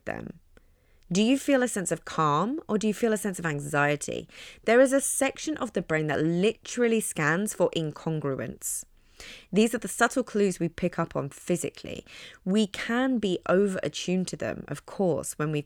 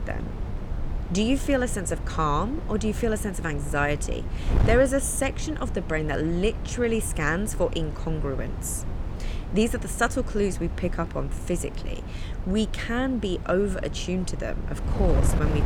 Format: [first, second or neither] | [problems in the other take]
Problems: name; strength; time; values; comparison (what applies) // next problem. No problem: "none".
first | wind noise on the microphone; occasional gusts; 15 dB below the speech